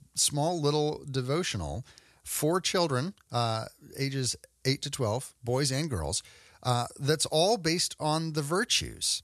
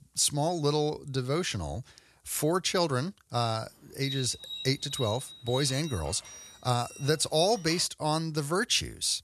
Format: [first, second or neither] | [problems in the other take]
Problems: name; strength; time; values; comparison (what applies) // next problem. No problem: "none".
first | alarm; noticeable; from 4 to 8 s; peak 7 dB below the speech